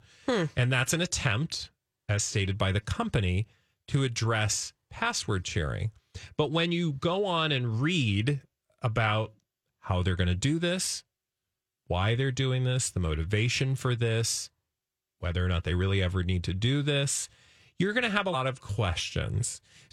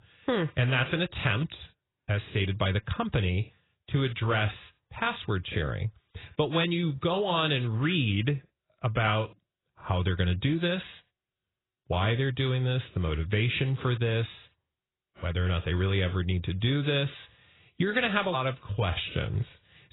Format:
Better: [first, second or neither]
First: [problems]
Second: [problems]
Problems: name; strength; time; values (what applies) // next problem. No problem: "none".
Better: first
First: none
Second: garbled, watery; badly; nothing above 4 kHz